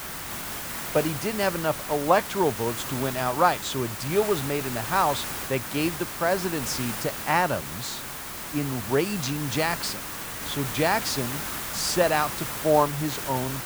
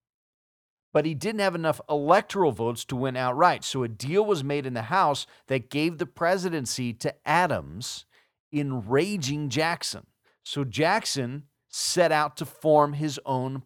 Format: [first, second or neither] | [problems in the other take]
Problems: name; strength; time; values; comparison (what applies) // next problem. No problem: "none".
second | hiss; loud; throughout; 5 dB below the speech